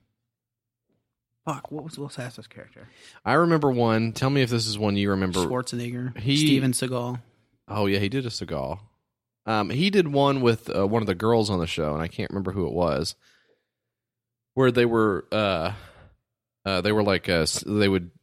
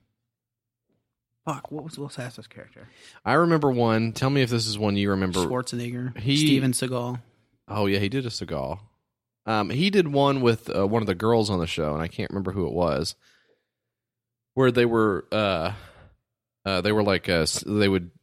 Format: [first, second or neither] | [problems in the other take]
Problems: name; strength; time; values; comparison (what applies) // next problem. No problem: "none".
neither | none